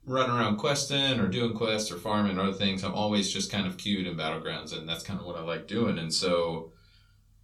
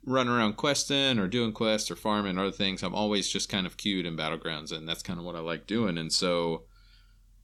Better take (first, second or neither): second